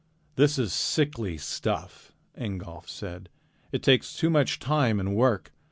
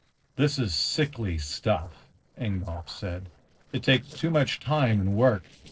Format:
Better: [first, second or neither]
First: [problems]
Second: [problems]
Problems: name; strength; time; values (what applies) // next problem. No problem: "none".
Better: first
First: none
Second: noise reduction (neural separator model SepFormer DNS4)